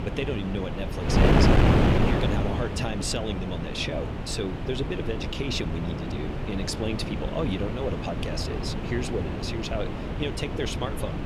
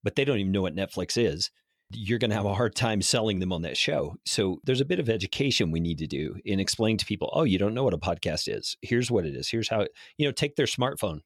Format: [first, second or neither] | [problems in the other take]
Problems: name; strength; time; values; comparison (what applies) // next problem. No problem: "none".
second | wind noise on the microphone; heavy; 1 dB above the speech